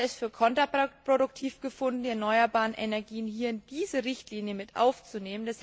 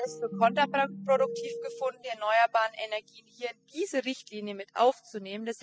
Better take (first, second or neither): first